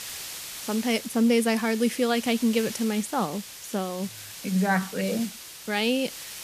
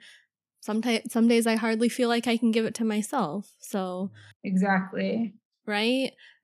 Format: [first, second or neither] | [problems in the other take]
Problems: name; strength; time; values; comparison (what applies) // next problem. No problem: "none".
second | hiss; noticeable; throughout; 10 dB below the speech